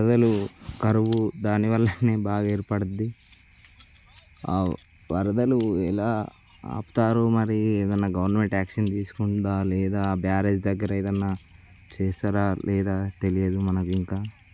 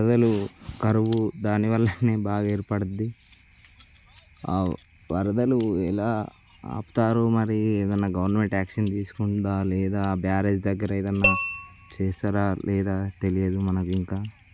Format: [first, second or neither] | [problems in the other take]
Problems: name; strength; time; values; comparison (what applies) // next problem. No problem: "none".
first | background sound (Tap / Glass); 4 dB below the speech